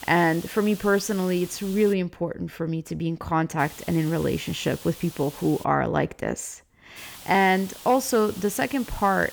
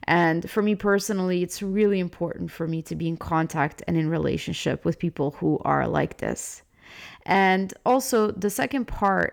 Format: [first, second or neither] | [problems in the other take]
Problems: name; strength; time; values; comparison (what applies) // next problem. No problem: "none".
second | hiss; noticeable; until 2 s, from 3.5 to 5.5 s and from 7 s on; 15 dB below the speech